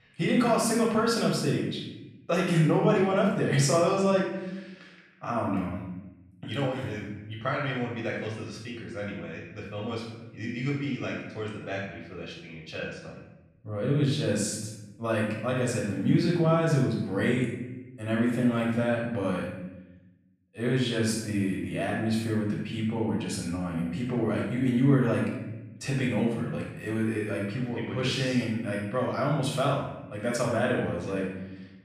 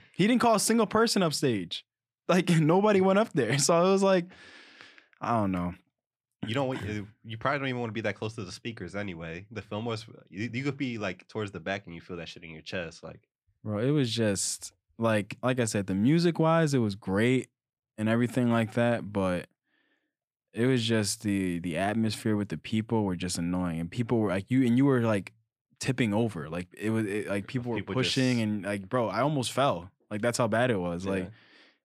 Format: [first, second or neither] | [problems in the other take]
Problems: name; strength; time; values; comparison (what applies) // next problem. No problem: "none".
second | off-mic speech; far // room echo; noticeable; dies away in 0.9 s